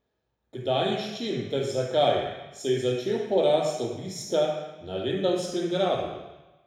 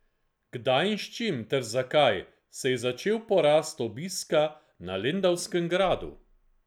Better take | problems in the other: second | room echo; dies away in 1 s

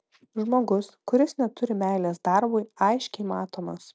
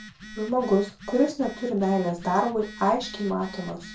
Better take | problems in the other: first | background sound (Telephone); 17 dB below the speech // room echo; dies away in 0.3 s

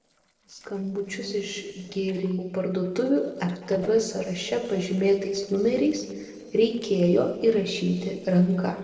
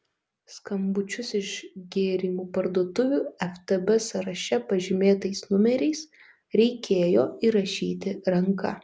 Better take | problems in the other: second | noise reduction (neural separator model SepFormer DNS4)

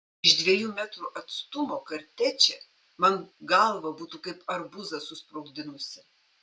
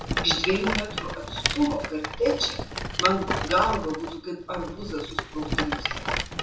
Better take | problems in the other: first | background sound (Rattle); 2 dB below the speech // room echo; dies away in 0.9 s

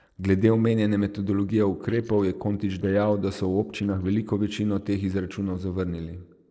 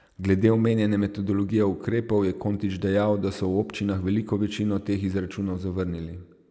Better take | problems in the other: second | noise reduction (neural separator model SepFormer DNS4)

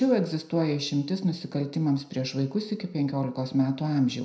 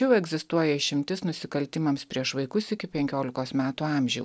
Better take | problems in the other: second | room echo; dies away in 0.5 s

